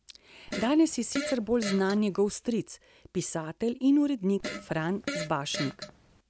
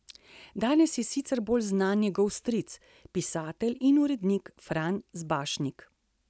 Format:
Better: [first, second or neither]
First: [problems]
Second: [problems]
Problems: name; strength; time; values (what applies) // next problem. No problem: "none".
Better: second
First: background sound (Fart); 10 dB below the speech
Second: none